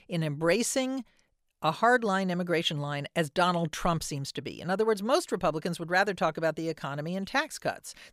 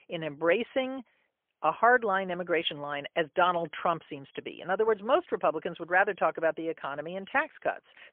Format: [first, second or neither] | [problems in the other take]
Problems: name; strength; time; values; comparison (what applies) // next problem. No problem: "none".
first | phone-call audio; poor line; nothing above 3.5 kHz